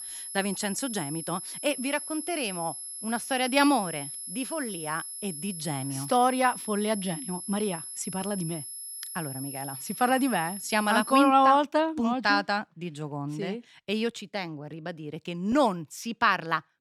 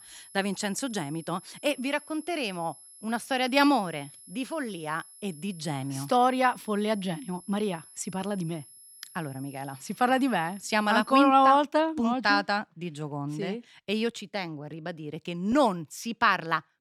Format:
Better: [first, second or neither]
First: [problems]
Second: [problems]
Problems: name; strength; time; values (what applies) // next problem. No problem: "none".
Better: second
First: high-pitched whine; loud; until 11 s; 11 kHz, 8 dB below the speech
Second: high-pitched whine; faint; until 11 s; 11 kHz, 20 dB below the speech